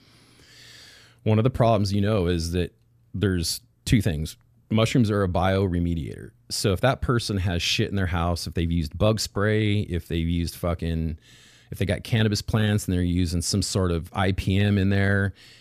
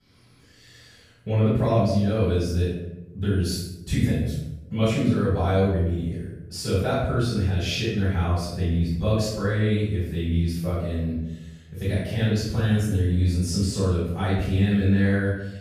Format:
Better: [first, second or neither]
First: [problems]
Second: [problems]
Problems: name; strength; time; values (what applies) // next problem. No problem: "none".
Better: first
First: none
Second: off-mic speech; far // room echo; strong; dies away in 0.8 s